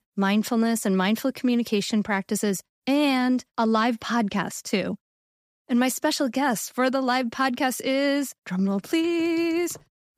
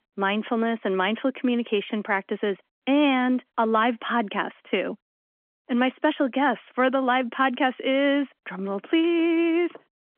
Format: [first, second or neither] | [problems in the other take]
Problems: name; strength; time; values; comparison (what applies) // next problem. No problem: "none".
first | phone-call audio; nothing above 3.5 kHz